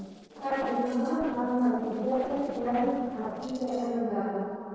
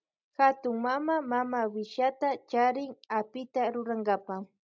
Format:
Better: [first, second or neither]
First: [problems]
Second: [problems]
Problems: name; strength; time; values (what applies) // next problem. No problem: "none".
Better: second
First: noise reduction (neural separator model SepFormer DNS4)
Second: none